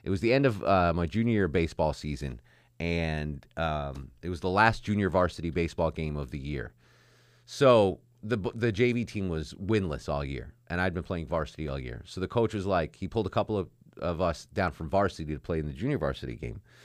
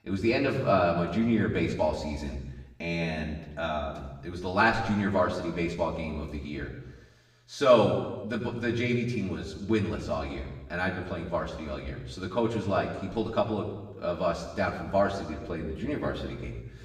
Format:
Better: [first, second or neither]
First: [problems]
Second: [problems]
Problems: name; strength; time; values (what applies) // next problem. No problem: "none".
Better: first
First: none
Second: room echo; noticeable; dies away in 1 s // off-mic speech; far